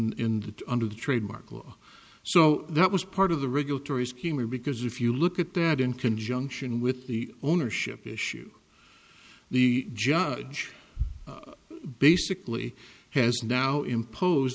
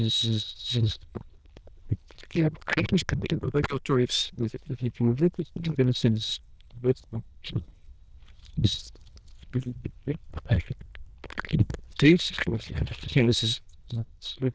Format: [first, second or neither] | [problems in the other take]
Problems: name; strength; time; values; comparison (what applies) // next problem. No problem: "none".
first | noise reduction (neural diffusion model UNIVERSE++)